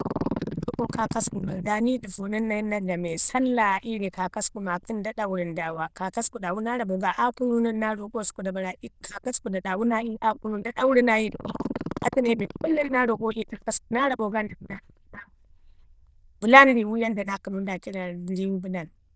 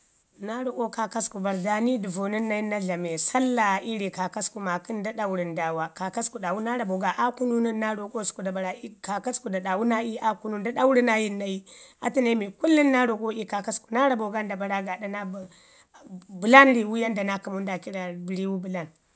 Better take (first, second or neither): second